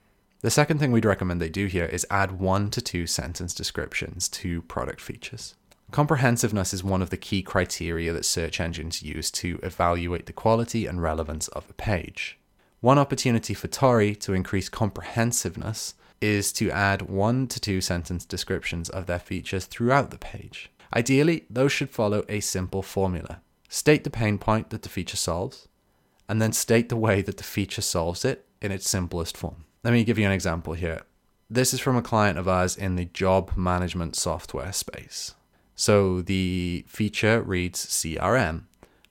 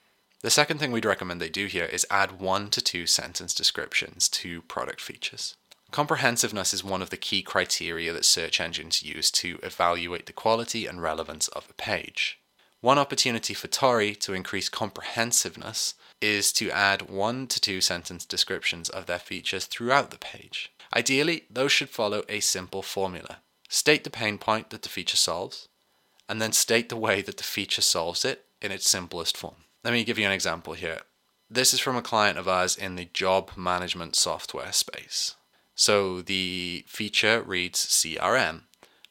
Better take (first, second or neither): first